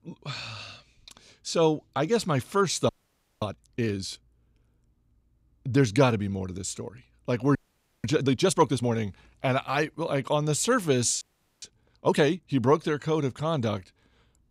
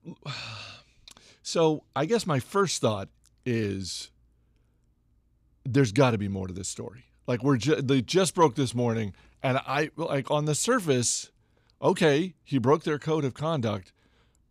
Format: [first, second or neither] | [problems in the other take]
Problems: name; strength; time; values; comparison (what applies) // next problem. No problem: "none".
second | audio freezing; at 3 s for 0.5 s, at 7.5 s and at 11 s